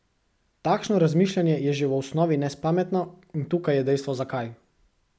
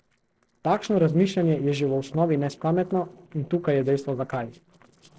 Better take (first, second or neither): first